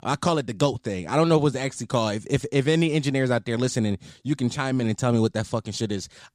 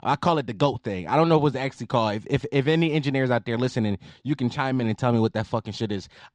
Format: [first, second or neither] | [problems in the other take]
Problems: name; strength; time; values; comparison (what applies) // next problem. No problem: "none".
first | muffled; slightly; fading above 3.5 kHz